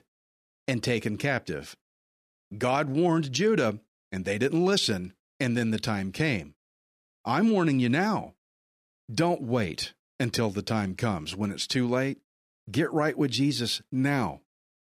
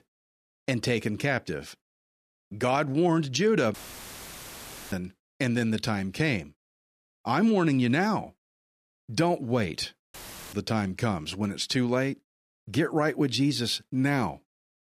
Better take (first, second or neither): first